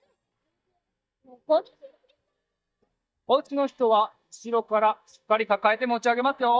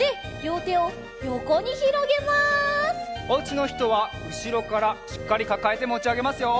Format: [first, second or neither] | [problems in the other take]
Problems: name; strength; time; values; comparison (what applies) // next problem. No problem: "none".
second | noise reduction (neural mask model DeepFilterNet 3)